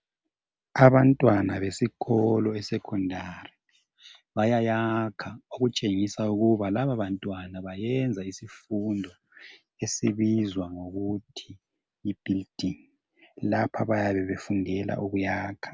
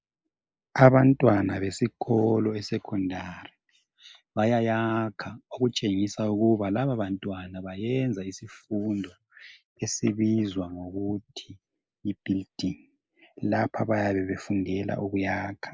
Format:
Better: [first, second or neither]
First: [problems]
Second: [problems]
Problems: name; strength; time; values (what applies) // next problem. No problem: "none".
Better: first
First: none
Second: noise reduction (neural mask model Resemble Enhance denoiser)